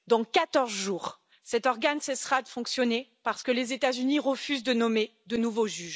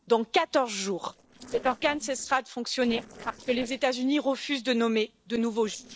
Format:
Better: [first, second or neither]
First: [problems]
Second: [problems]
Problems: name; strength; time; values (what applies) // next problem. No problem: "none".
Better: first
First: none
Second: noise reduction (neural separator model SepFormer DNS4)